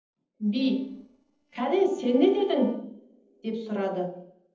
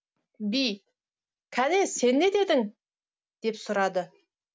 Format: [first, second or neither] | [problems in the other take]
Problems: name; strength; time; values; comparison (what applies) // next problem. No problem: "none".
second | noise reduction (neural separator model SepFormer DNS4)